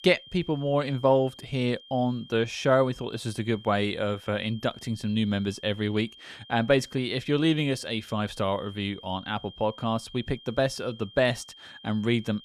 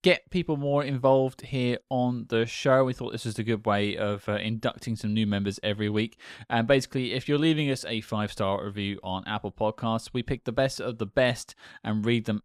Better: second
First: high-pitched whine; noticeable; throughout; 3 kHz, 20 dB below the speech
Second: none

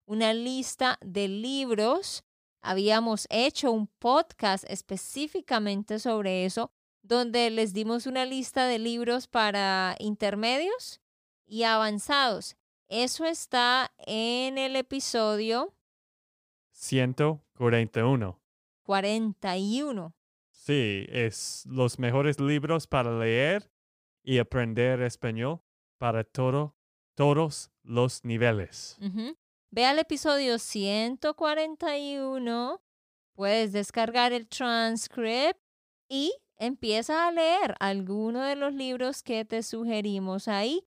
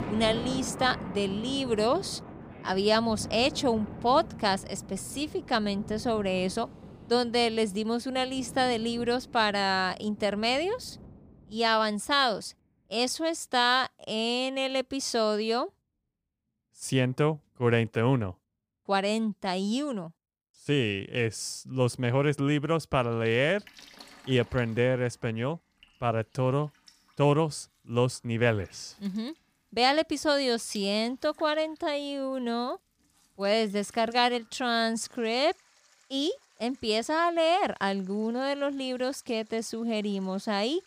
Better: first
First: none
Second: rain or running water; noticeable; throughout; 15 dB below the speech

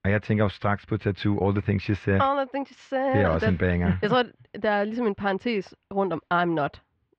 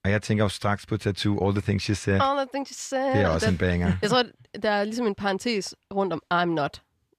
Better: second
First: muffled; slightly; fading above 3 kHz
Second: none

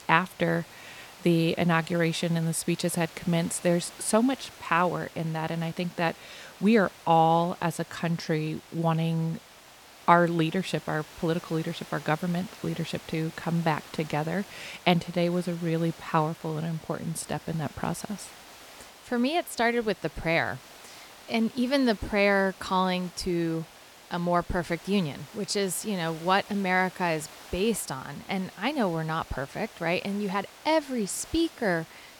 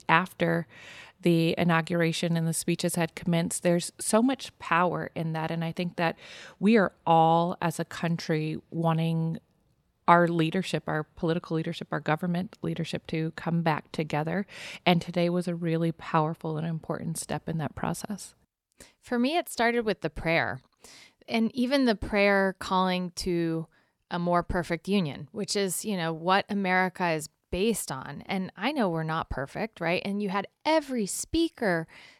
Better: second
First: hiss; noticeable; throughout; 20 dB below the speech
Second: none

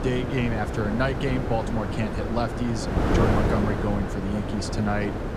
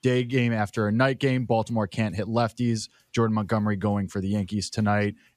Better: second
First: wind noise on the microphone; heavy; as loud as the speech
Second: none

